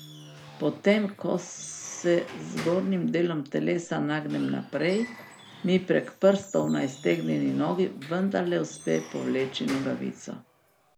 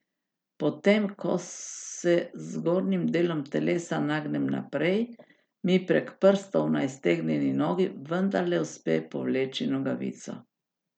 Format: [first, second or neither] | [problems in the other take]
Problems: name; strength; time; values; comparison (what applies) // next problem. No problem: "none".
second | background sound (Squeak / Wood); 18 dB below the speech